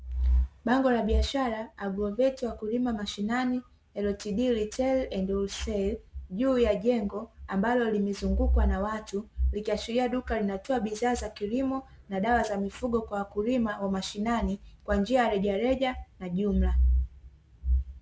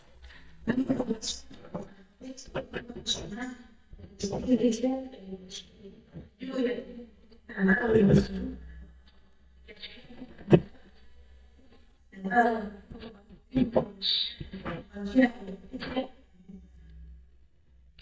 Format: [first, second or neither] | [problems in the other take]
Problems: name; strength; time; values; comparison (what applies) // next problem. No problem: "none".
first | noise reduction (neural mask model DeepFilterNet 3)